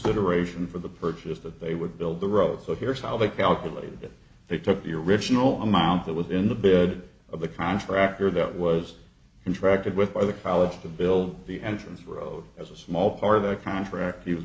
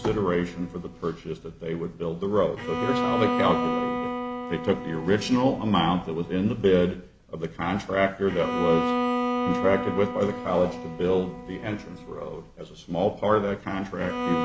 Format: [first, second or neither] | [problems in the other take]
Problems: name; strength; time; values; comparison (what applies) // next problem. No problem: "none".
first | background sound (Bowed string instrument); 5 dB below the speech